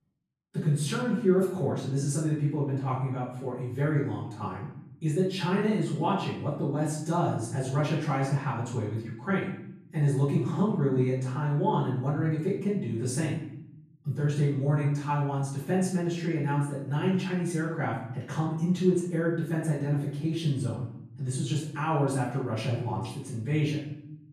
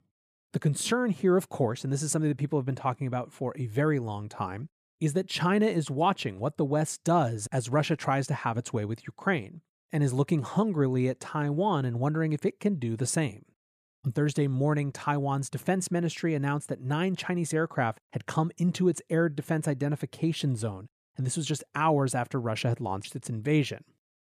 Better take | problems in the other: second | room echo; noticeable; dies away in 0.7 s // off-mic speech; far

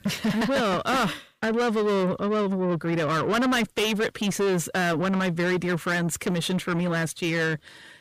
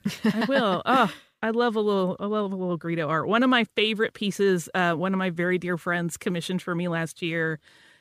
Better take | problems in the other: second | distortion; heavy; 7 dB below the speech

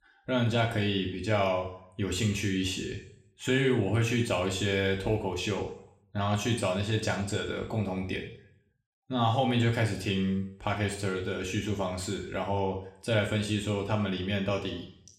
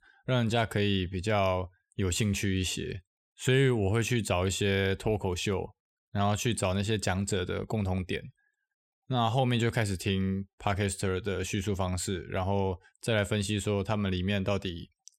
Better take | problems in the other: second | room echo; slight; dies away in 0.6 s // off-mic speech; somewhat distant

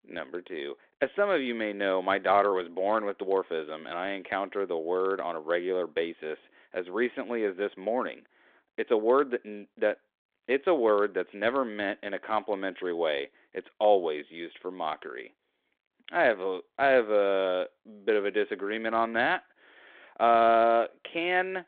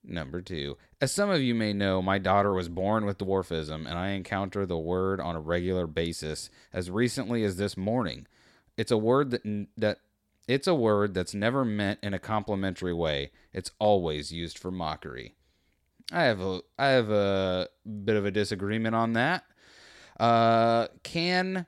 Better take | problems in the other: second | phone-call audio

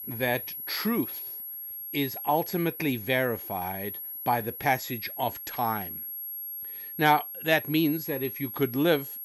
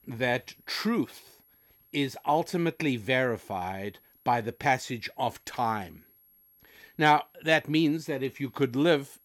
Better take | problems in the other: second | high-pitched whine; loud; throughout; 11.5 kHz, 7 dB below the speech; faint in the second

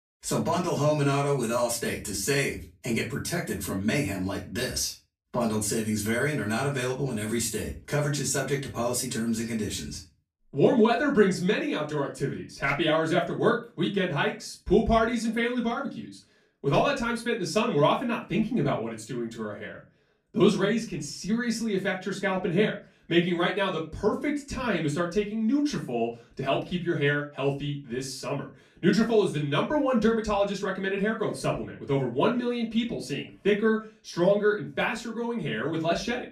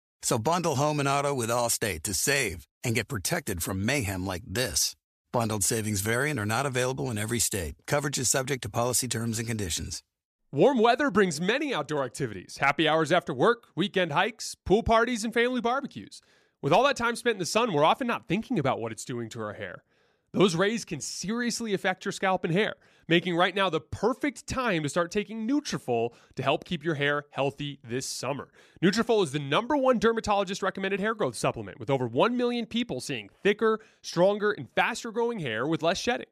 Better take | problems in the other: second | off-mic speech; far // room echo; very slight; dies away in 0.3 s

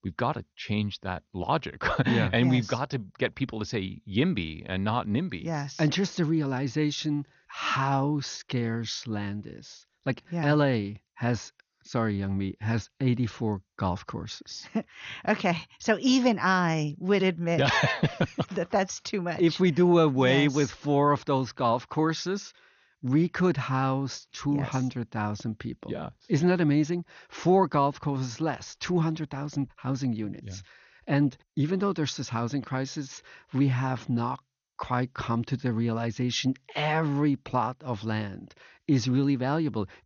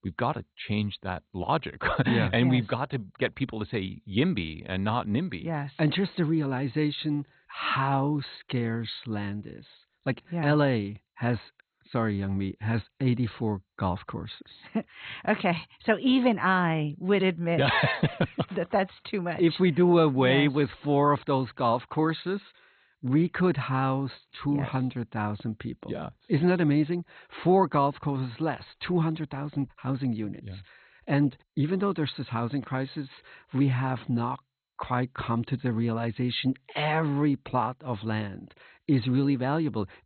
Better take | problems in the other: first | garbled, watery; badly; nothing above 4 kHz; slightly in the first

